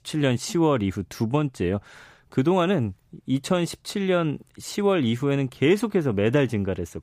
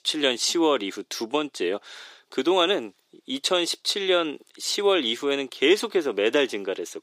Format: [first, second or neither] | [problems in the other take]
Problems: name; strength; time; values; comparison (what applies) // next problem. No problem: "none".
first | thin; somewhat; fading below 350 Hz